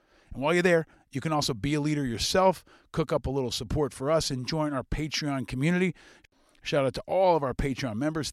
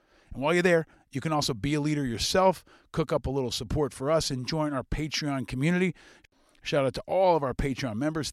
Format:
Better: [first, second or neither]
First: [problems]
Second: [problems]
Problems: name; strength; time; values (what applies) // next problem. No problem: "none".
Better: neither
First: none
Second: none